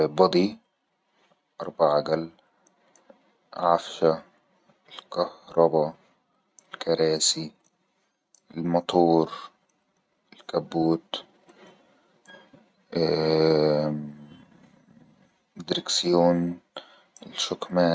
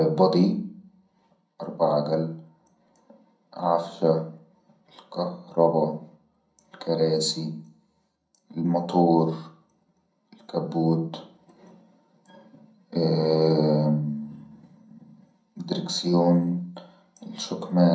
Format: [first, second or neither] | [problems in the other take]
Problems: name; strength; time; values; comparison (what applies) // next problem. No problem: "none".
first | room echo; dies away in 0.5 s